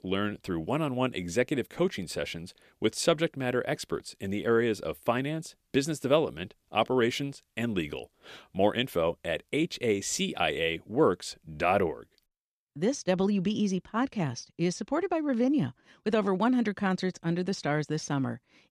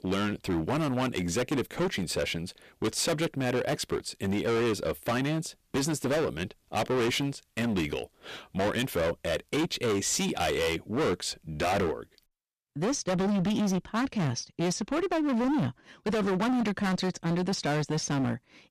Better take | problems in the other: first | distortion; heavy; 22% of the sound clipped

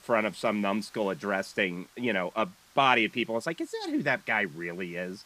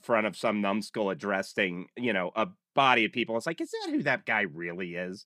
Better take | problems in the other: second | hiss; faint; throughout; 25 dB below the speech

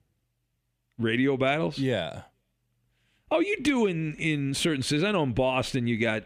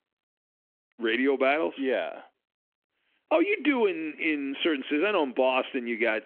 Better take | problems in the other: first | phone-call audio

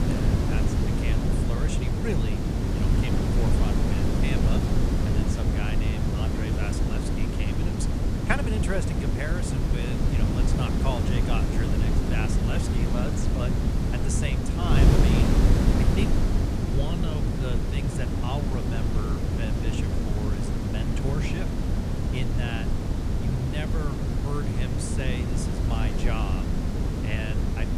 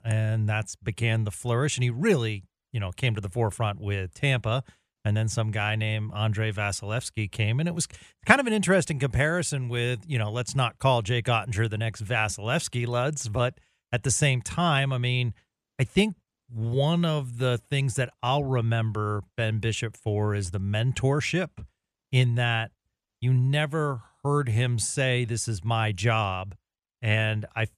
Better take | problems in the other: second | wind noise on the microphone; heavy; 2 dB above the speech

